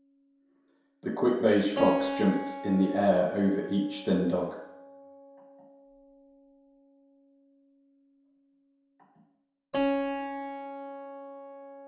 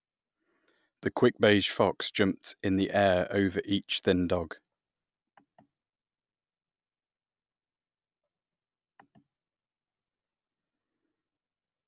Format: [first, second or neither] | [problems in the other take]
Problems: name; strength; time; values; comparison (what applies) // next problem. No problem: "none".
second | background sound (Keyboard (musical)); 6 dB below the speech // room echo; dies away in 0.7 s